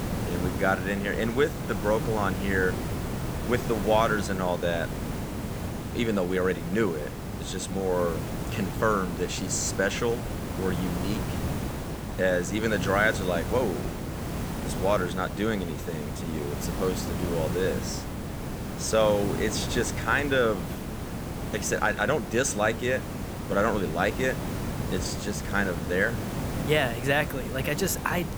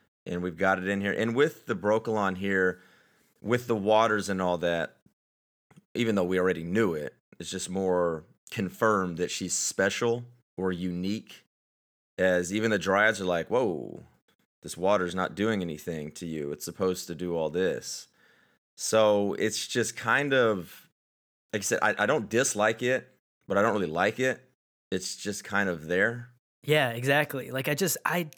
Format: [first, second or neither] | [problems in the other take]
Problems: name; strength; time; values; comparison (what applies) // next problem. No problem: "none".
second | hiss; loud; throughout; 5 dB below the speech